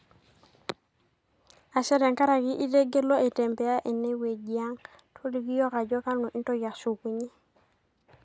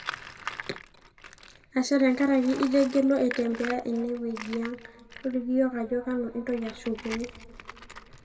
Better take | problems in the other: first | background sound (Tools); 14 dB below the speech // room echo; dies away in 1.4 s

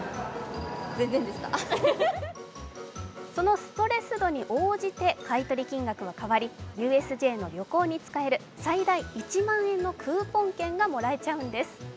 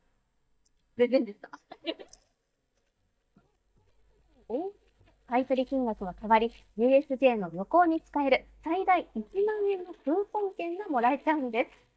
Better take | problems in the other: first | noise reduction (neural mask model DeepFilterNet 3)

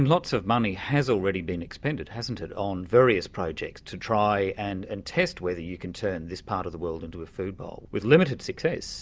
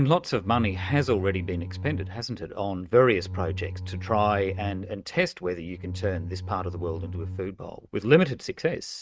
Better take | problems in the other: first | noise reduction (neural mask model RNNoise)

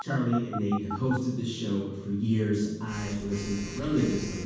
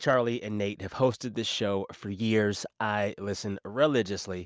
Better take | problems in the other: second | background sound (Telephone); 13 dB below the speech // room echo; dies away in 1.2 s

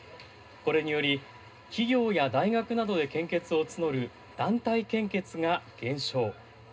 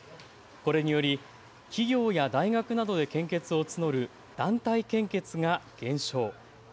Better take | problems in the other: second | room echo; dies away in 0.2 s

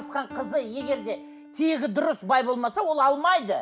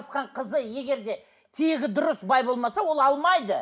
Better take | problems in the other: second | background sound (Piano); 19 dB below the speech

